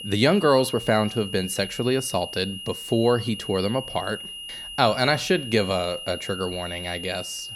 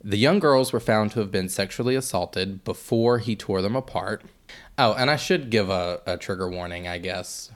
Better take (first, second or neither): second